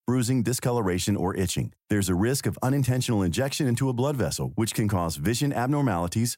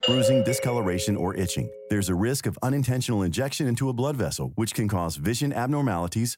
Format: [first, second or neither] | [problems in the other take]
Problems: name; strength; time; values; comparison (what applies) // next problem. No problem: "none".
first | doorbell; loud; until 1.5 s; peak 4 dB above the speech